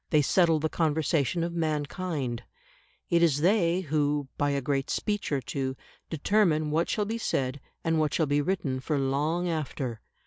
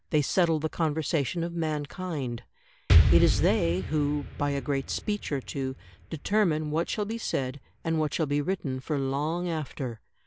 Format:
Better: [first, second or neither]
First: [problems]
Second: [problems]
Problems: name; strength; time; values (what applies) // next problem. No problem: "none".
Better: first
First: none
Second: background sound (Explosion); 3 dB below the speech